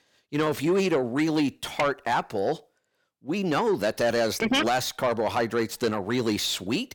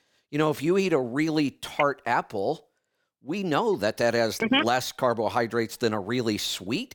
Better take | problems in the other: second | distortion; slight; 10 dB below the speech

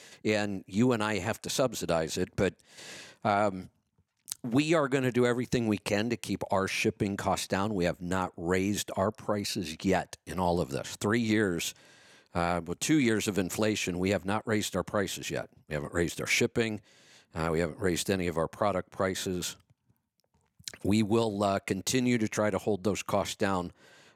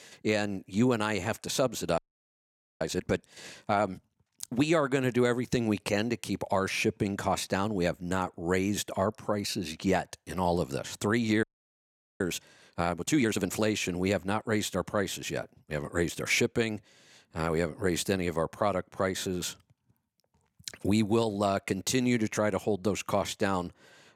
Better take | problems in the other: first | audio freezing; at 2 s for 1 s and at 11 s for 1 s

